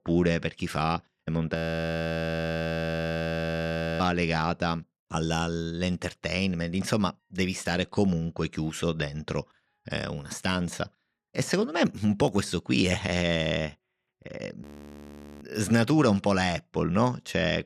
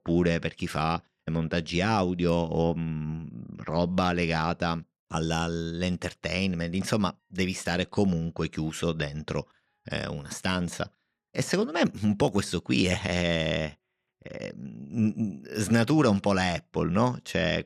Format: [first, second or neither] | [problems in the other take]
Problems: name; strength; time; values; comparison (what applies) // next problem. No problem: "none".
second | audio freezing; at 1.5 s for 2.5 s and at 15 s for 1 s